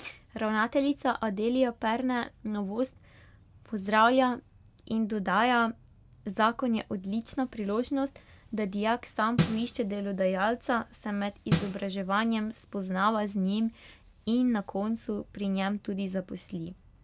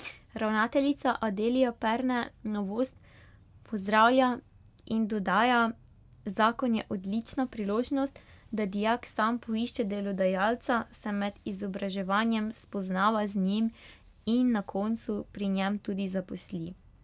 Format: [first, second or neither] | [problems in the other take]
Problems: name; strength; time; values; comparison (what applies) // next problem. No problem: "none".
second | background sound (Snare drum); 3 dB below the speech